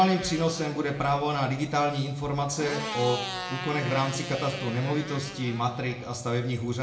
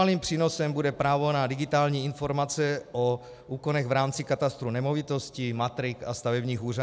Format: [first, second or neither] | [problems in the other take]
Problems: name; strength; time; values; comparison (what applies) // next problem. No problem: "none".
second | background sound (Motorcycle); 11 dB below the speech // room echo; dies away in 0.7 s